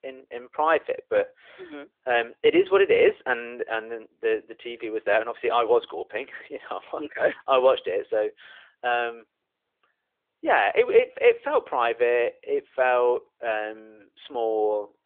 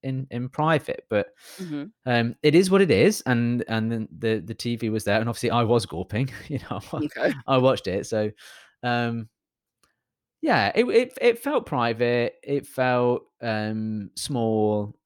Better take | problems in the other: second | phone-call audio; nothing above 3.5 kHz

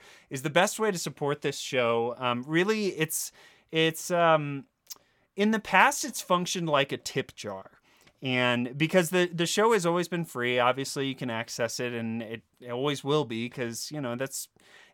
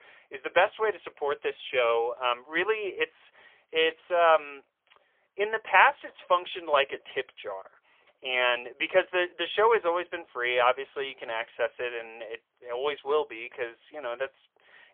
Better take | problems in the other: first | phone-call audio; poor line; nothing above 3.5 kHz

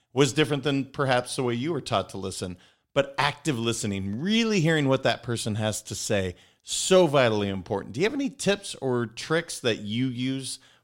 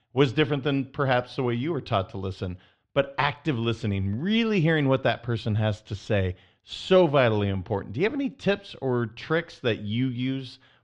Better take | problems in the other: first | muffled; slightly; fading above 3.5 kHz

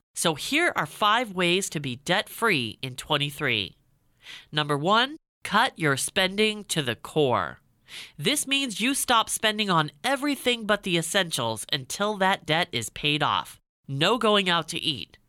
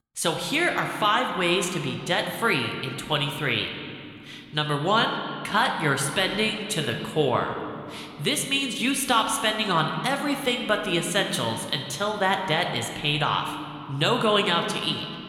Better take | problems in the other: first | room echo; slight; dies away in 2.1 s

